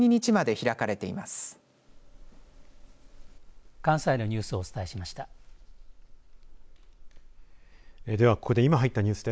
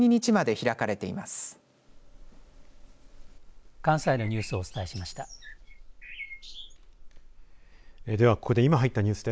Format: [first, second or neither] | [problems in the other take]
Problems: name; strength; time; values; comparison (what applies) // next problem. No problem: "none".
first | background sound (Bird); 18 dB below the speech